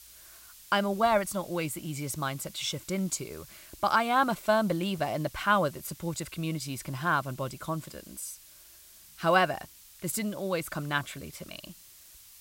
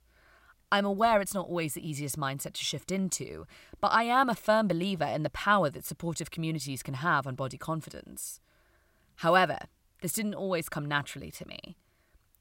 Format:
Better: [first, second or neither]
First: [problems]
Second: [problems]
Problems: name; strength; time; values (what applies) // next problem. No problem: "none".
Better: second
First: hiss; noticeable; throughout; 20 dB below the speech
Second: none